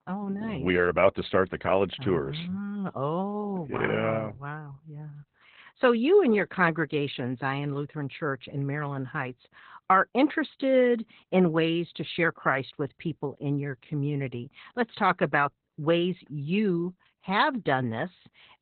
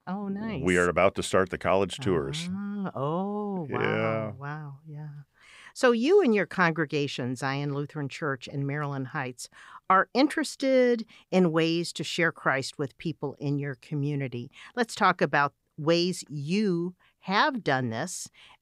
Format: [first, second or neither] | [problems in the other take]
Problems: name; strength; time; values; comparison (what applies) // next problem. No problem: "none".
second | garbled, watery; badly; nothing above 4 kHz